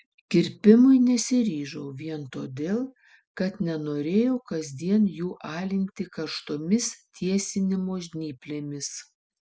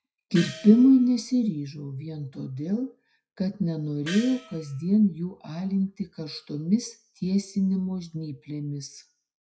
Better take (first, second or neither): first